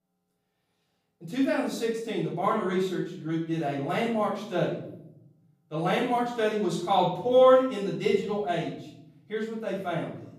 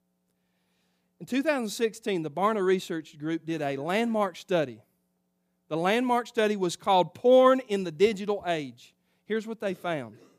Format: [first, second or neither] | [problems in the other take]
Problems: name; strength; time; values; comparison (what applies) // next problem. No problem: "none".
second | off-mic speech; far // room echo; noticeable; dies away in 0.9 s